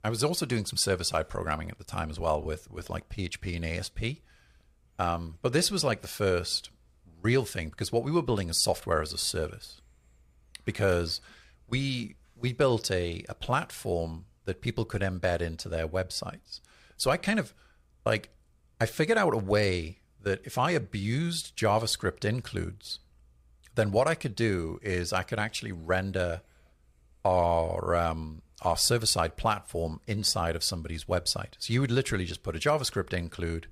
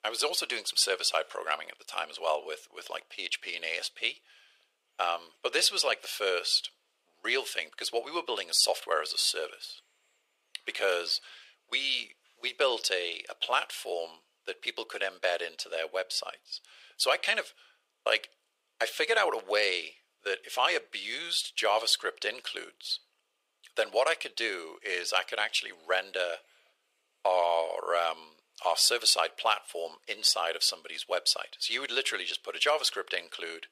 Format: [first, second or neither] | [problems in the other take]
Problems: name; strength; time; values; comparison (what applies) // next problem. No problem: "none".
first | thin; very; fading below 450 Hz